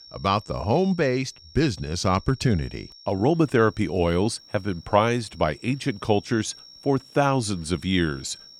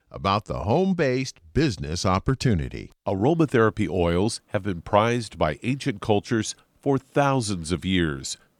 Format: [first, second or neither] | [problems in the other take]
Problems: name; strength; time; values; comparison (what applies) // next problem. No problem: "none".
second | high-pitched whine; faint; throughout; 5.5 kHz, 20 dB below the speech